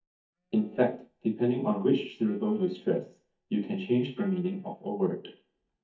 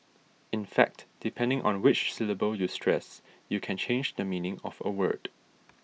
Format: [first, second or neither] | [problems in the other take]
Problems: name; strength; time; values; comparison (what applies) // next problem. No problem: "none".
second | noise reduction (neural mask model DeepFilterNet 3)